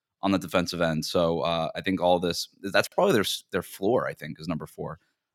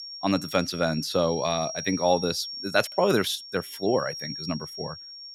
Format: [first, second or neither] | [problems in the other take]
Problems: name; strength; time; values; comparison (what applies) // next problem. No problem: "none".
first | high-pitched whine; loud; throughout; 5.5 kHz, 9 dB below the speech